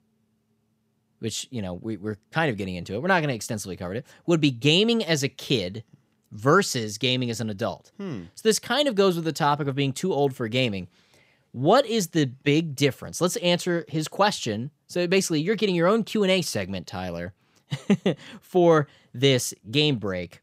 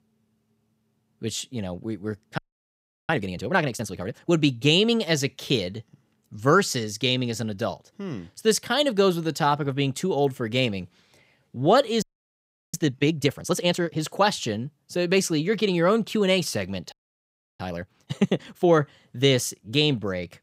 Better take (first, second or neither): first